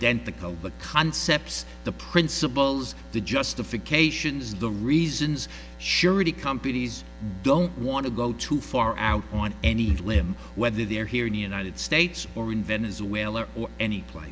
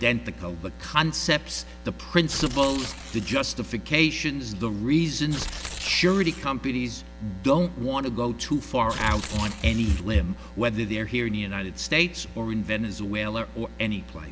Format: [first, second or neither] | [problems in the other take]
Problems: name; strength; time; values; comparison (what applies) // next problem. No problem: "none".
first | background sound (Tearing); 11 dB below the speech